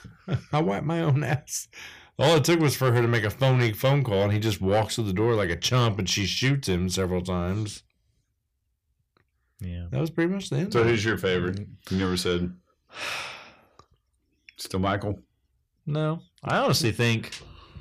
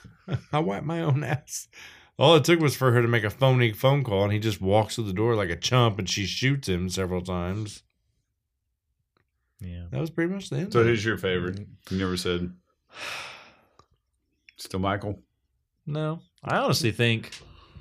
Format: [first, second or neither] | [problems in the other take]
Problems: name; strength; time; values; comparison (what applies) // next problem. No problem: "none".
second | distortion; slight; 10 dB below the speech